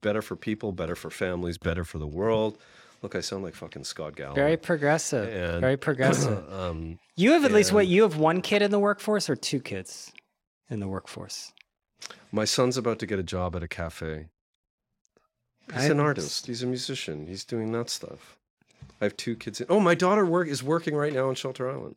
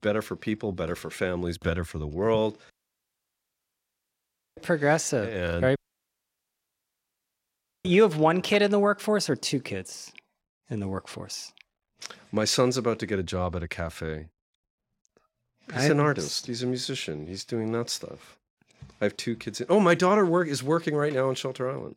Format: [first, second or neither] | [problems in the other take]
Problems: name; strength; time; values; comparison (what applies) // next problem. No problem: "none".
first | audio cutting out; at 2.5 s for 2 s and at 6 s for 2 s